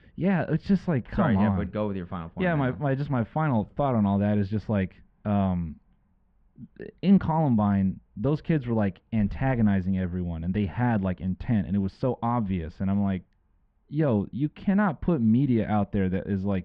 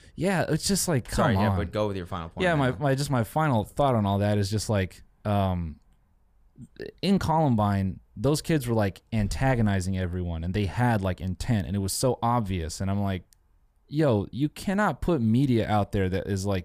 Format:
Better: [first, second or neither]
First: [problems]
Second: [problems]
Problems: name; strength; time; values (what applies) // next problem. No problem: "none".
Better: second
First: muffled; very; fading above 3 kHz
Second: none